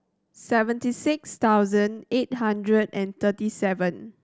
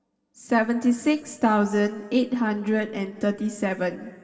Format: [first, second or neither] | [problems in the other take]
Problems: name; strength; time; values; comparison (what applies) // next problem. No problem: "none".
first | room echo; dies away in 1.6 s